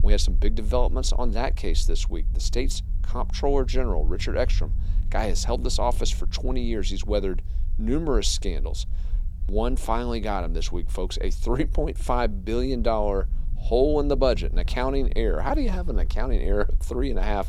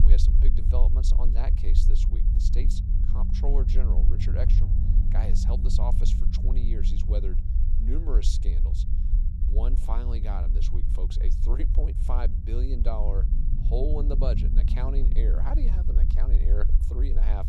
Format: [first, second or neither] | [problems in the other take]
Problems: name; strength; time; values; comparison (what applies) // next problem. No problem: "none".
first | low rumble; loud; throughout; 5 dB below the speech; faint in the first